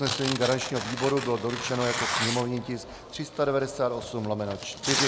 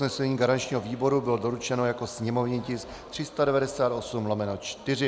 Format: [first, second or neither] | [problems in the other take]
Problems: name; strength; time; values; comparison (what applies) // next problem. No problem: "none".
second | background sound (Tearing); 5 dB below the speech